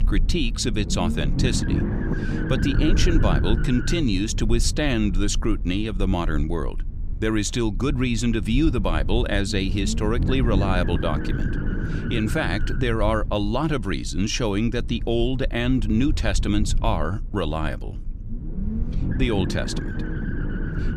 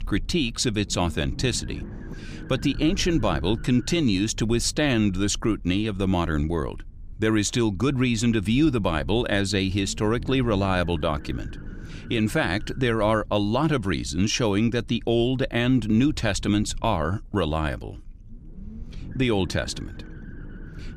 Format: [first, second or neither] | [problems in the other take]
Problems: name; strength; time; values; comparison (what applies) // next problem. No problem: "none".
second | low rumble; loud; throughout; 8 dB below the speech; faint in the second